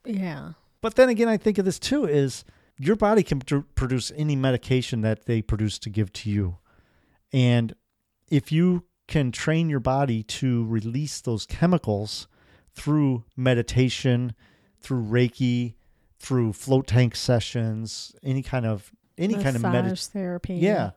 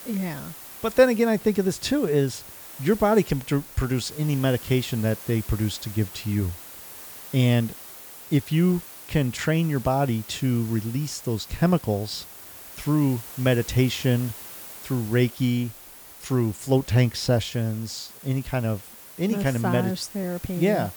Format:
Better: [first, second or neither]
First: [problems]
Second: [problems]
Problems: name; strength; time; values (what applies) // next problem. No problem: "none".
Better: first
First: none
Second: hiss; noticeable; throughout; 15 dB below the speech